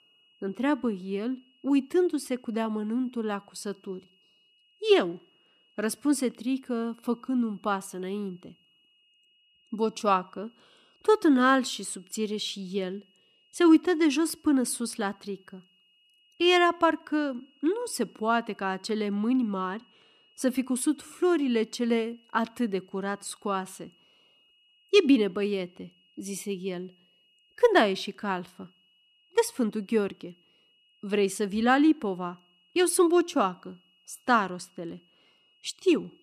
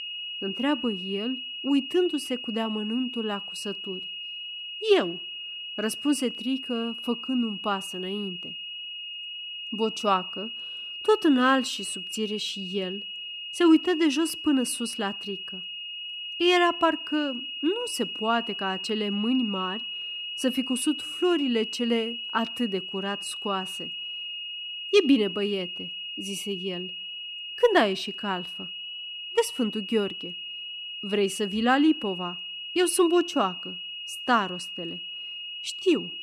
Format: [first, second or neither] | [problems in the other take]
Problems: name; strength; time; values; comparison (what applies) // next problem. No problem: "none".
first | high-pitched whine; loud; throughout; 3 kHz, 7 dB below the speech; faint in the first